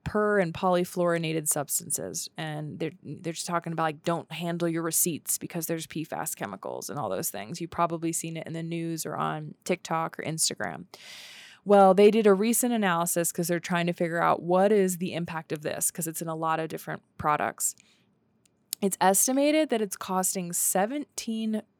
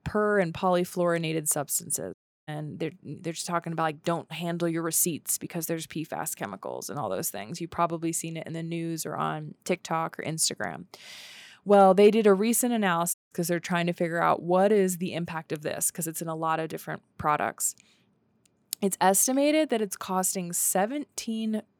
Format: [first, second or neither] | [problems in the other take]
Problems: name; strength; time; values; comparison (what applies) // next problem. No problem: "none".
first | audio cutting out; at 2 s and at 13 s